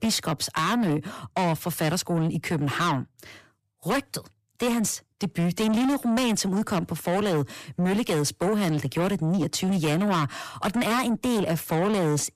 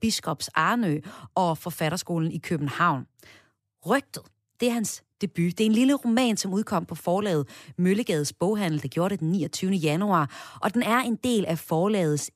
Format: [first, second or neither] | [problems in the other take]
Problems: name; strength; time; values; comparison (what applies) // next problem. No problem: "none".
second | distortion; heavy; 8 dB below the speech